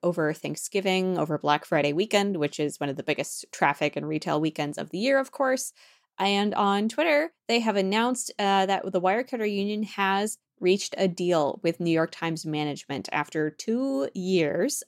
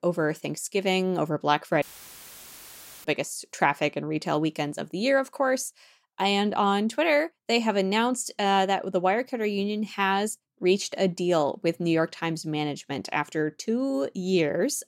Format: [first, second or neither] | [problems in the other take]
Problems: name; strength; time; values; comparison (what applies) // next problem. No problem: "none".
first | audio cutting out; filled with static; at 2 s for 1 s